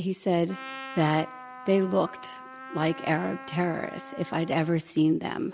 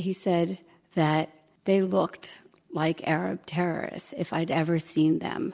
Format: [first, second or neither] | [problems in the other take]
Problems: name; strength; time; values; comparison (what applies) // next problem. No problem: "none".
second | background sound (Trumpet); 15 dB below the speech